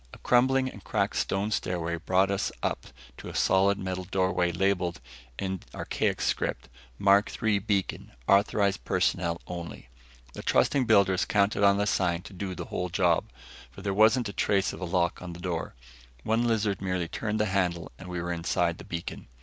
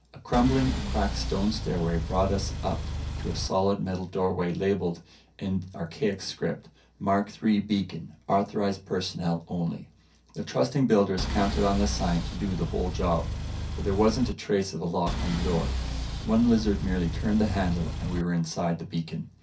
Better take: first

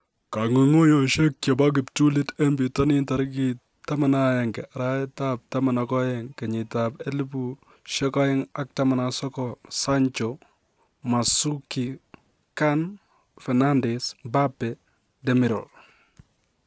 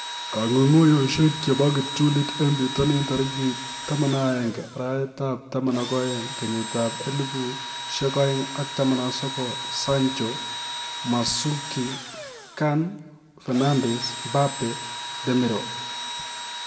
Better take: first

